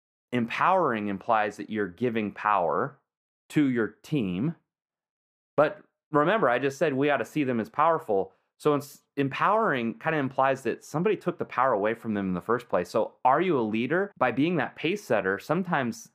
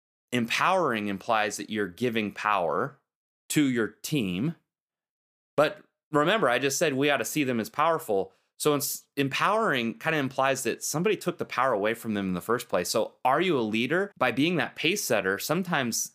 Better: second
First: muffled; very; fading above 3 kHz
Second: none

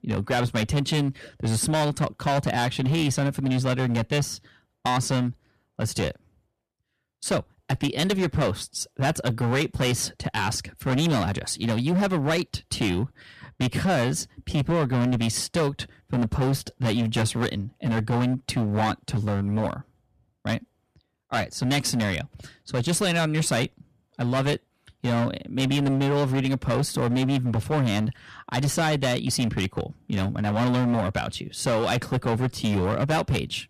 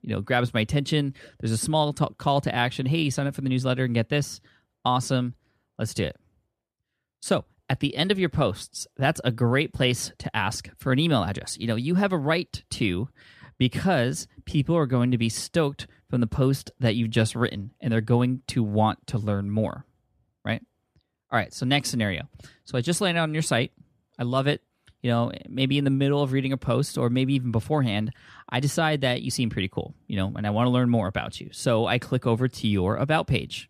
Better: second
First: distortion; heavy; 15% of the sound clipped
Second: none

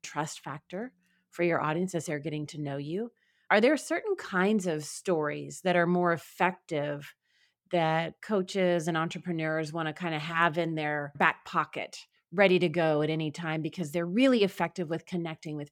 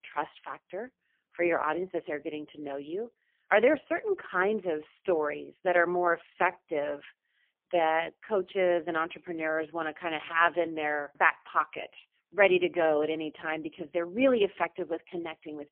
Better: first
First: none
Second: phone-call audio; poor line; nothing above 3 kHz

